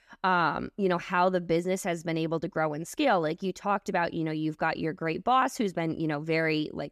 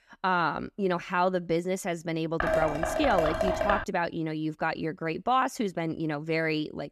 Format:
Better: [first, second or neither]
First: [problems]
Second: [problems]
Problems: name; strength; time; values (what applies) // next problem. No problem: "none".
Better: first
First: none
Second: clattering dishes; loud; from 2.5 to 4 s; peak 2 dB above the speech